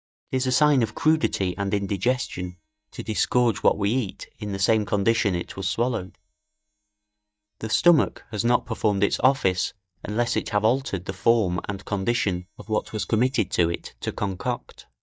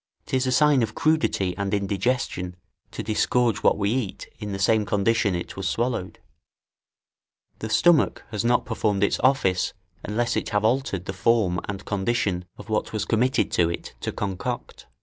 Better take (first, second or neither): second